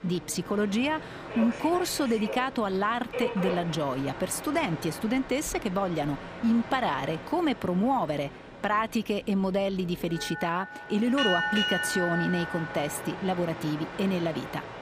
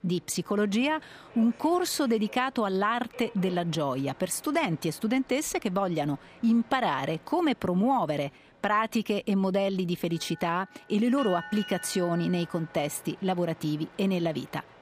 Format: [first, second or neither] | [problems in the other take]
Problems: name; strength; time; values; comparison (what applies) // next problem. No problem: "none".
second | train or aircraft noise; loud; throughout; 6 dB below the speech; faint in the second